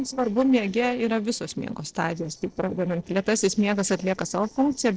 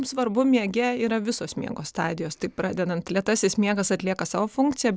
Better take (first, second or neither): second